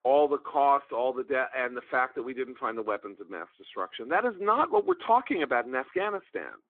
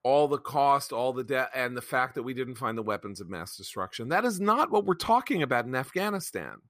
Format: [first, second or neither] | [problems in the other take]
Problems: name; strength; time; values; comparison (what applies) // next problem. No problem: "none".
second | phone-call audio